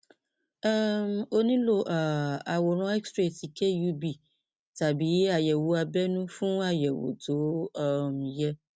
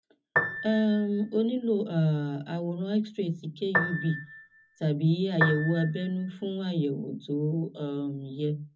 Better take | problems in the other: first | background sound (Piano); 4 dB below the speech // room echo; dies away in 0.4 s

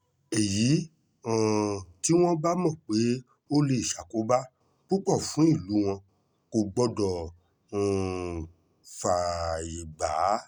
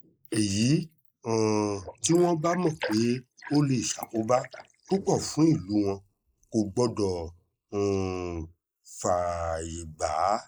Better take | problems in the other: first | noise reduction (neural mask model Resemble Enhance denoiser)

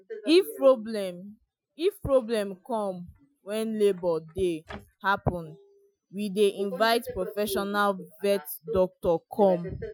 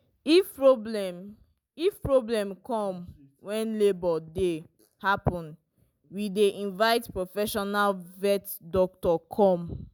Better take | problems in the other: second | noise reduction (classical method Wiener filter)

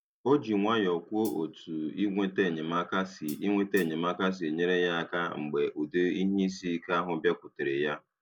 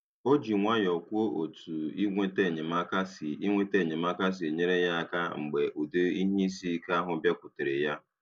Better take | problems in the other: second | background sound (Hi-hat); 20 dB below the speech

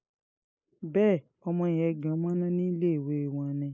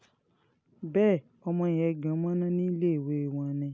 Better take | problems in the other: second | noise reduction (neural mask model Resemble Enhance denoiser)

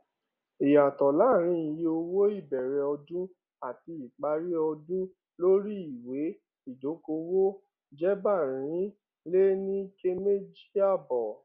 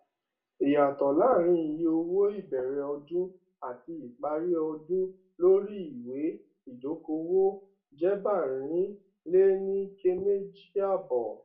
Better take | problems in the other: first | room echo; dies away in 0.2 s

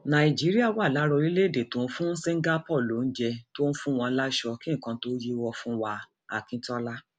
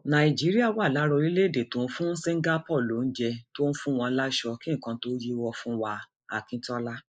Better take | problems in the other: first | noise reduction (neural mask model Resemble Enhance denoiser)

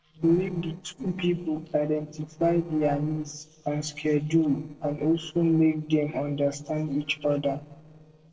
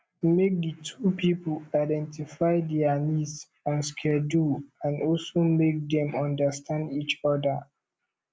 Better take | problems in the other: second | noise reduction (neural separator model SepFormer DNS4)

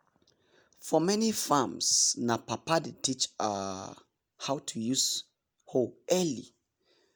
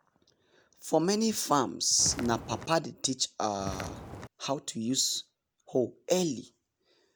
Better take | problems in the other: first | background sound (Walk, footsteps); 9 dB below the speech

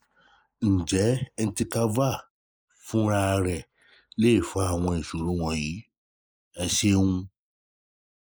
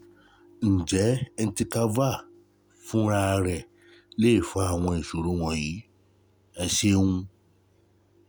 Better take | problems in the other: second | noise reduction (neural mask model Resemble Enhance denoiser)

